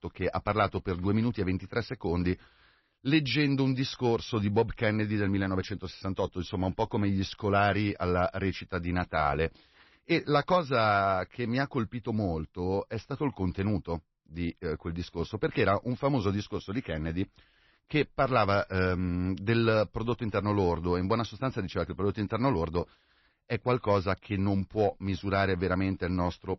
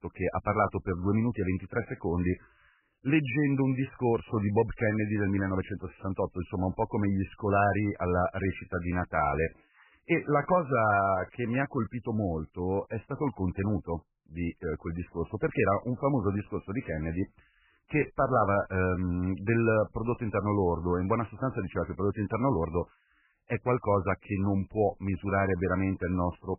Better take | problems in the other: first | garbled, watery; badly; nothing above 2.5 kHz; slightly in the first

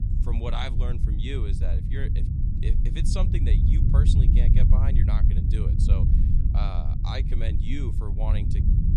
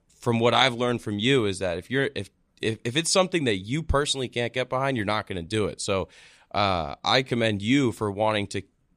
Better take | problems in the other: second | low rumble; loud; throughout; 1 dB below the speech

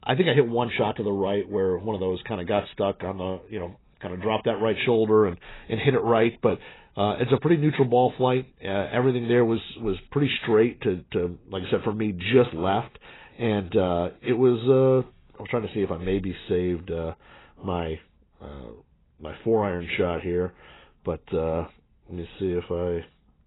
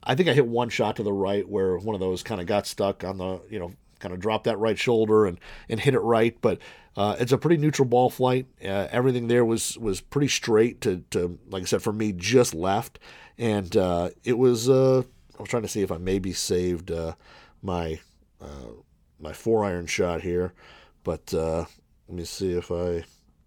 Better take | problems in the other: second | garbled, watery; badly; nothing above 4 kHz

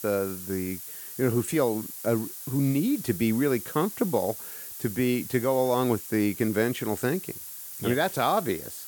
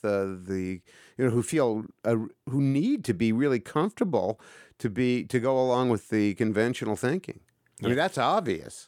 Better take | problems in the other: second | hiss; loud; throughout; 10 dB below the speech

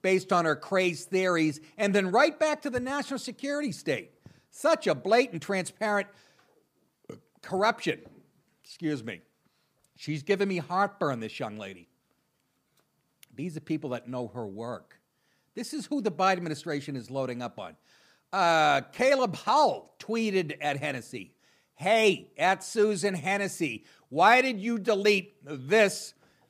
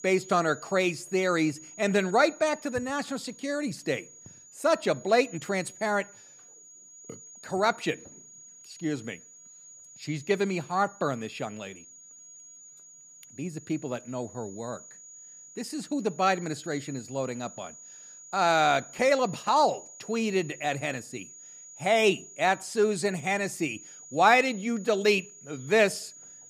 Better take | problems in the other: first | high-pitched whine; noticeable; throughout; 7 kHz, 20 dB below the speech

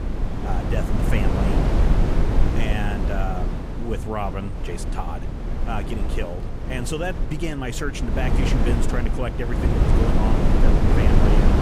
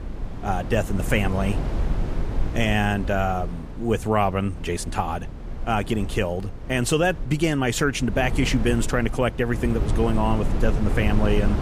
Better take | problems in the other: second | wind noise on the microphone; heavy; 1 dB above the speech; occasional gusts in the second

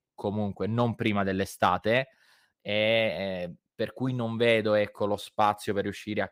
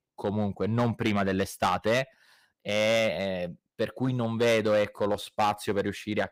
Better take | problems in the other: first | distortion; slight; 5% of the sound clipped

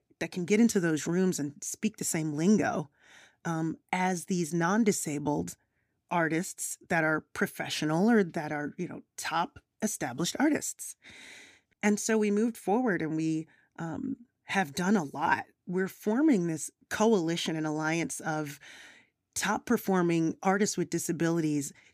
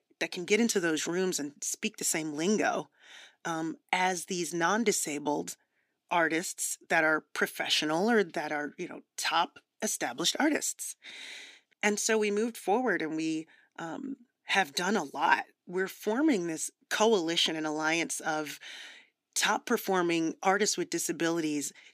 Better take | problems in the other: first | thin; somewhat; fading below 350 Hz

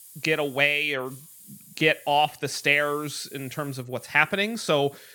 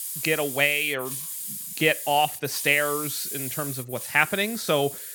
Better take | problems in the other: first | hiss; loud; throughout; 7 dB below the speech; faint in the first

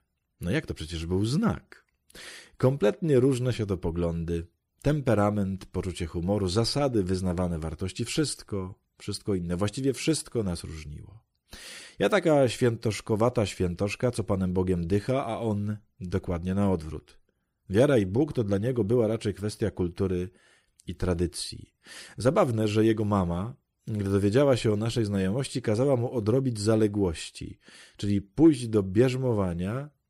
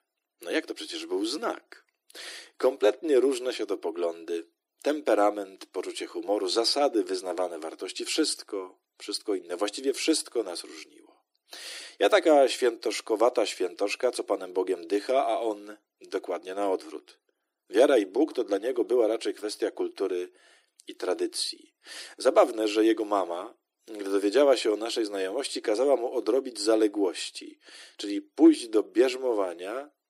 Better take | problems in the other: first | thin; very; fading below 300 Hz

